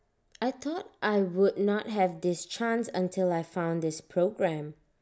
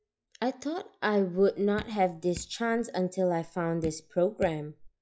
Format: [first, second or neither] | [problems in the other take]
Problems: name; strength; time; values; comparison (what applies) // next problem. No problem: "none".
first | noise reduction (classical method log-MMSE)